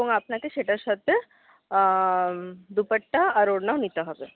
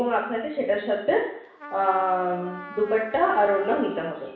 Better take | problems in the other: first | background sound (Trumpet); 17 dB below the speech // room echo; dies away in 0.7 s

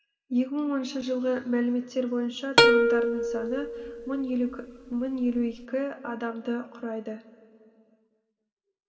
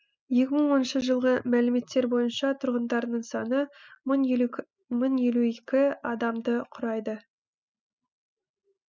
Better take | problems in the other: second | background sound (Plucked string instrument); 4 dB above the speech // room echo; dies away in 2.3 s

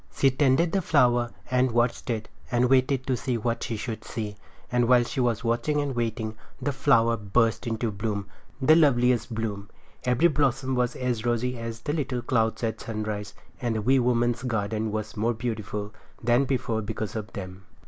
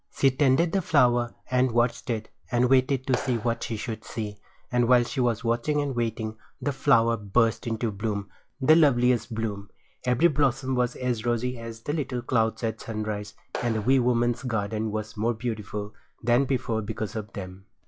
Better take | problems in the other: first | noise reduction (classical method log-MMSE)

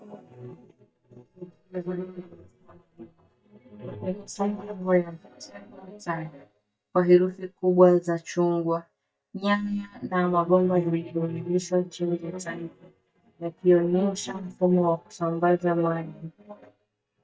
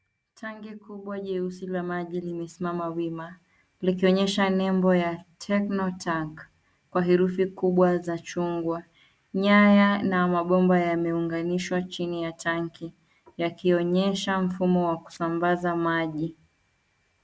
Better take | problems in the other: second | noise reduction (neural mask model DeepFilterNet 3)

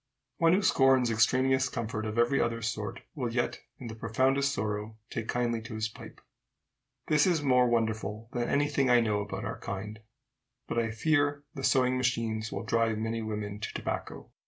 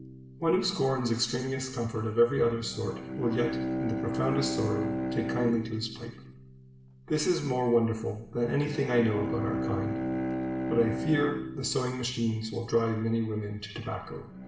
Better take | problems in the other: first | background sound (Bowed string instrument); 6 dB below the speech // room echo; dies away in 0.8 s

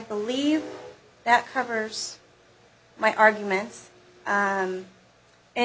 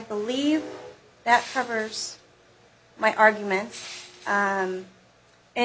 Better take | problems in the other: first | background sound (Crushing); 20 dB below the speech

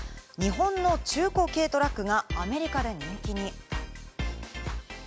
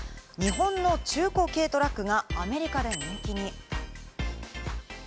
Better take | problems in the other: first | background sound (Bell); 15 dB below the speech

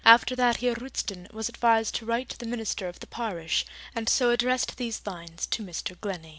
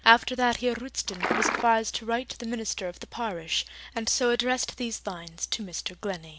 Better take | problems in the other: first | background sound (Liquid); as loud as the speech

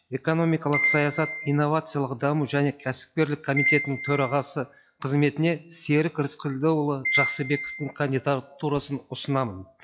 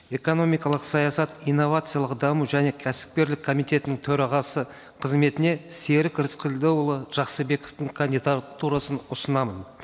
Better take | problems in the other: second | noise reduction (classical method log-MMSE)

